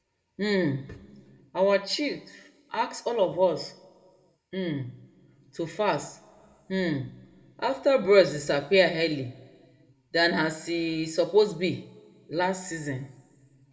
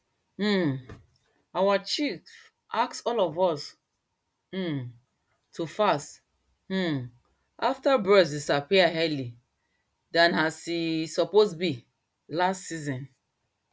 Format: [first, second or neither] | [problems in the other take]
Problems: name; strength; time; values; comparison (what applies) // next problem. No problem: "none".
second | room echo; dies away in 1.4 s